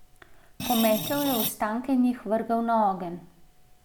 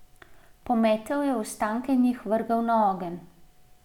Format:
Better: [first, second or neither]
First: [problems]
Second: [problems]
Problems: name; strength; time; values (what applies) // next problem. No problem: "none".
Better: second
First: background sound (Screech); 4 dB below the speech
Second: none